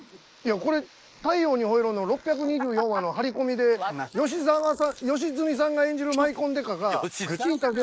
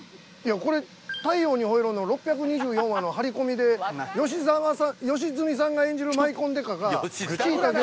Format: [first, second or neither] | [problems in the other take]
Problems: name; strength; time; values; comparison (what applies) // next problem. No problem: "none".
second | noise reduction (neural mask model Resemble Enhance denoiser)